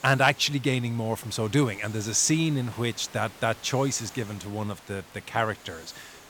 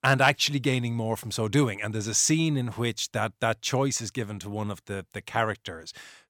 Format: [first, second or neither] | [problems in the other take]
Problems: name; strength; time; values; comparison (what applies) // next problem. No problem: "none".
second | hiss; noticeable; throughout; 20 dB below the speech